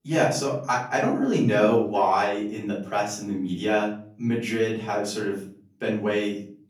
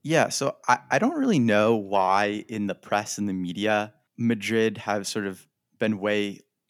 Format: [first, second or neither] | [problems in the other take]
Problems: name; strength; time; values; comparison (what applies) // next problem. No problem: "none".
second | off-mic speech; far // room echo; slight; dies away in 0.5 s